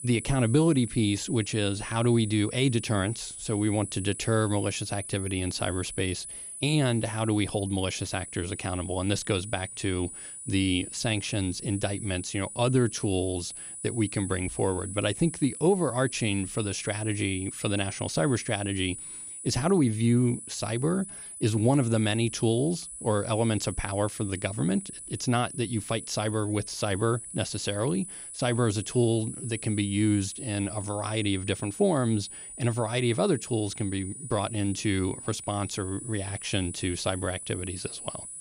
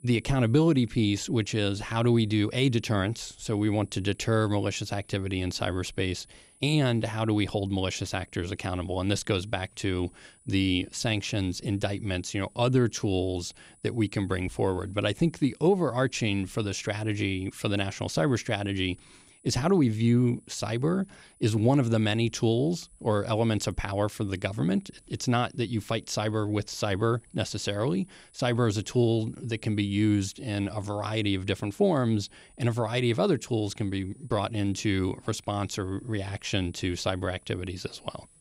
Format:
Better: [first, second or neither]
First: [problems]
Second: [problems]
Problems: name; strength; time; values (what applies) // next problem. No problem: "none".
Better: second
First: high-pitched whine; loud; throughout; 9.5 kHz, 10 dB below the speech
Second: high-pitched whine; faint; throughout; 9.5 kHz, 30 dB below the speech